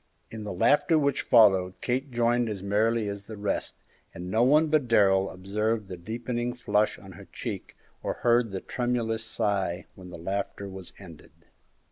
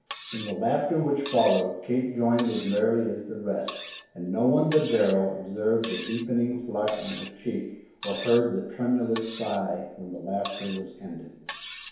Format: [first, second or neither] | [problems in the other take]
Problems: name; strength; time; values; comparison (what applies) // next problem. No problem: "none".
first | background sound (Cutlery, silverware); 15 dB below the speech // room echo; dies away in 1 s